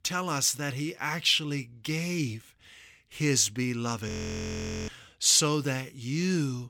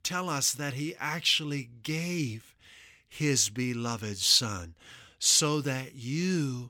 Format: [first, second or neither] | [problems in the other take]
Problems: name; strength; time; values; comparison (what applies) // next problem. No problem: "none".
second | audio freezing; at 4 s for 1 s